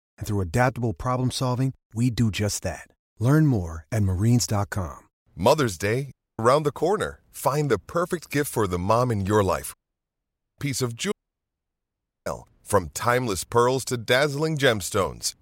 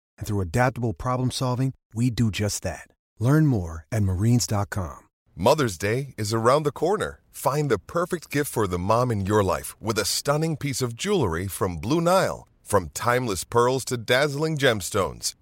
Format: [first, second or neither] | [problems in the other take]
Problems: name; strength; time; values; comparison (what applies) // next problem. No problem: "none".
second | audio cutting out; at 6 s, at 9.5 s for 1 s and at 11 s for 1 s